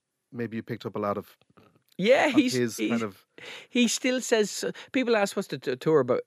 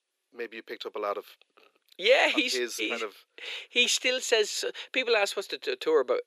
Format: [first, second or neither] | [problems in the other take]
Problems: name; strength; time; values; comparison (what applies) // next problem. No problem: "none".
first | thin; somewhat; fading below 400 Hz